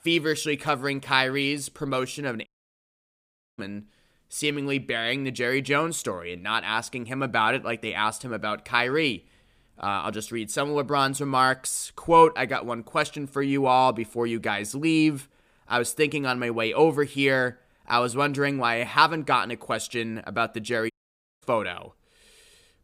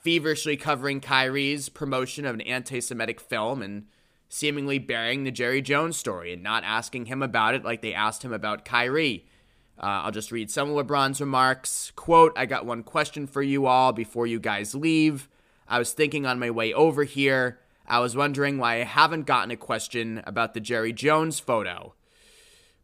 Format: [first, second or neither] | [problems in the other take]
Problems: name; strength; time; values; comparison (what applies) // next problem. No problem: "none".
second | audio cutting out; at 2.5 s for 1 s and at 21 s for 0.5 s